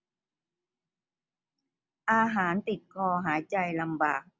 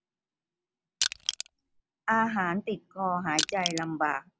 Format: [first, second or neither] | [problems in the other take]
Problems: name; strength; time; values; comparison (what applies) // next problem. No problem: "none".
first | background sound (Crushing); 1 dB below the speech